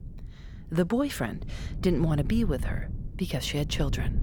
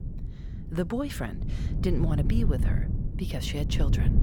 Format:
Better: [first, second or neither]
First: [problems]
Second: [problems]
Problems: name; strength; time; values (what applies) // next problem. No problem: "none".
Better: first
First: wind noise on the microphone; occasional gusts; 15 dB below the speech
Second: wind noise on the microphone; heavy; 7 dB below the speech